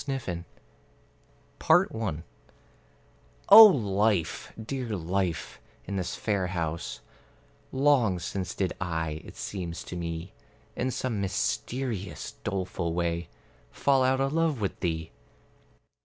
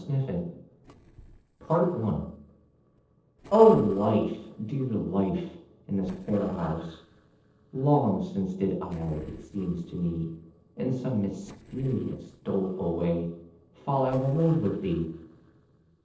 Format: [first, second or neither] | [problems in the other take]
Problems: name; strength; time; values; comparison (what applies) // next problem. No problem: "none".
first | noise reduction (neural separator model SepFormer DNS4)